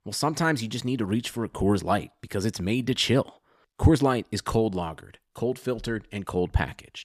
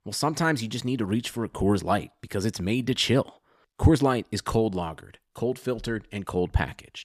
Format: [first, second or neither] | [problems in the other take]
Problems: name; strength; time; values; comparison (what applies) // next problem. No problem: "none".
neither | none